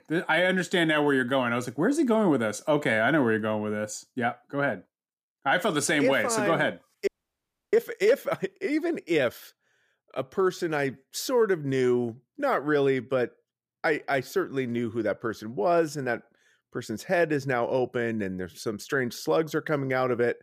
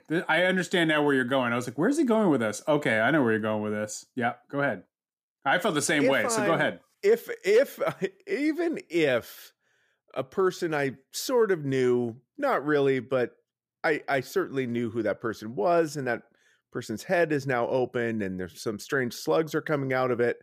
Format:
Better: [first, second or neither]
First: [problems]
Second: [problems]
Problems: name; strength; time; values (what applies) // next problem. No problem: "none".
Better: second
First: audio freezing; at 7 s for 0.5 s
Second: none